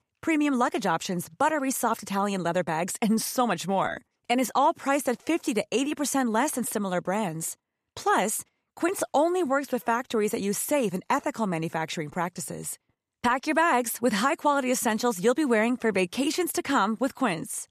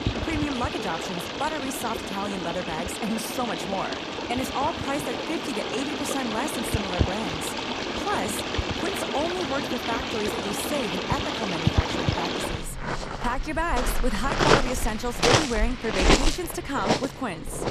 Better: first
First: none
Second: rain or running water; very loud; throughout; 3 dB above the speech

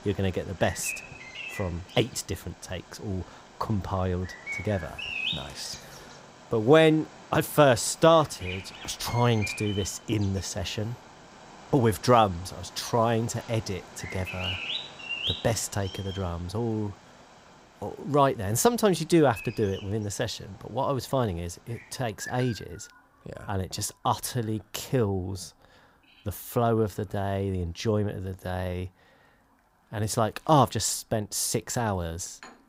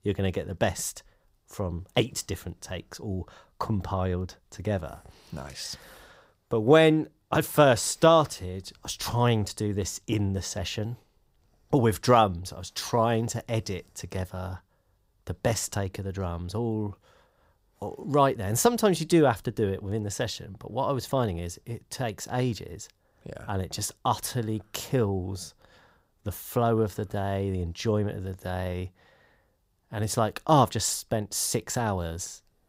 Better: second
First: animal sounds; noticeable; throughout; 10 dB below the speech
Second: none

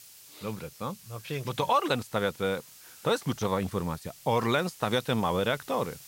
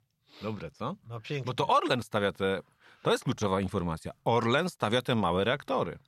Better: second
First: hiss; noticeable; throughout; 20 dB below the speech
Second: none

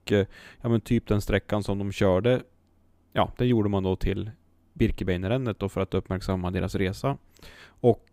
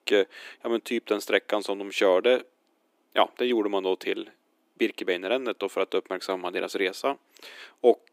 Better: first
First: none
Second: thin; somewhat; fading below 300 Hz

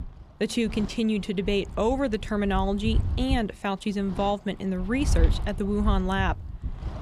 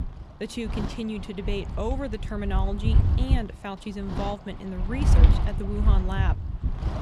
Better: first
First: wind noise on the microphone; occasional gusts; 15 dB below the speech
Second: wind noise on the microphone; heavy; 5 dB below the speech

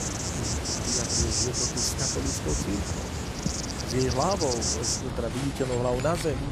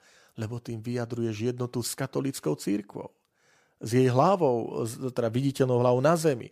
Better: second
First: animal sounds; very loud; throughout; 3 dB above the speech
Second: none

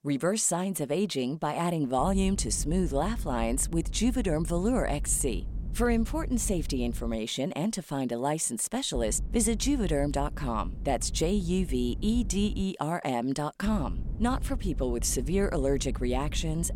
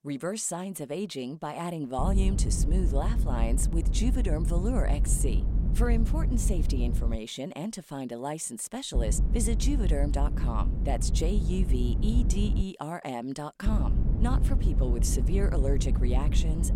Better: first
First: low rumble; faint; from 2 to 7 s, from 9 to 13 s and from 14 s on; 20 dB below the speech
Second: low rumble; loud; from 2 to 7 s, from 9 to 13 s and from 14 s on; 8 dB below the speech

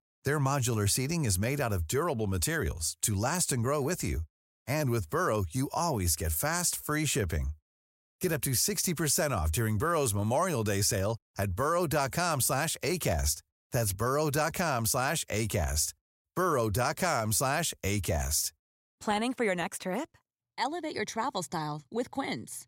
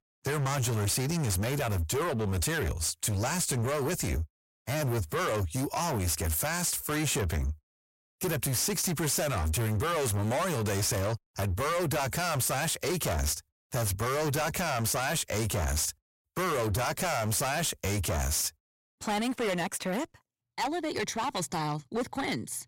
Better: first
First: none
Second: distortion; heavy; 28% of the sound clipped

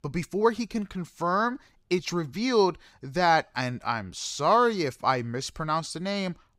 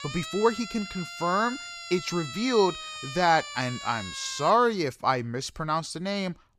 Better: first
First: none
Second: siren; noticeable; until 4.5 s; peak 9 dB below the speech

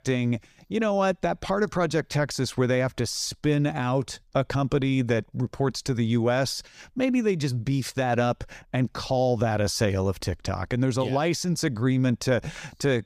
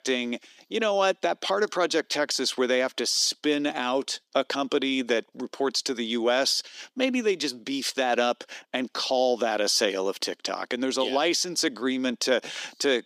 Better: first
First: none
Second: thin; very slightly; fading below 250 Hz

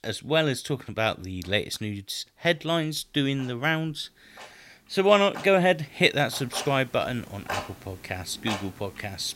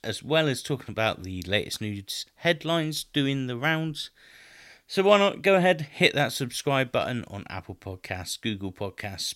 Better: second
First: household noises; noticeable; throughout; 15 dB below the speech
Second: none

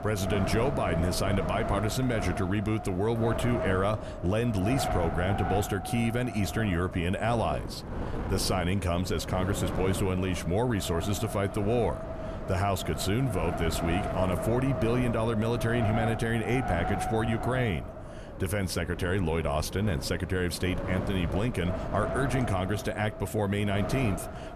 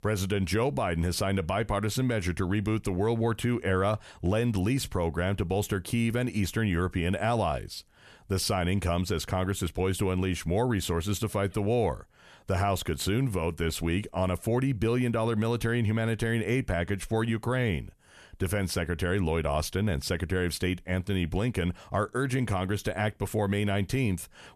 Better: second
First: wind noise on the microphone; heavy; 4 dB below the speech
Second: none

